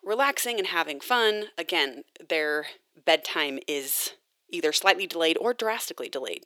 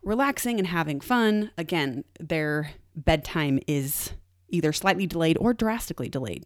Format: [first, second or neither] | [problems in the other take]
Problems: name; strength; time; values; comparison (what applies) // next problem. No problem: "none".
second | thin; very; fading below 400 Hz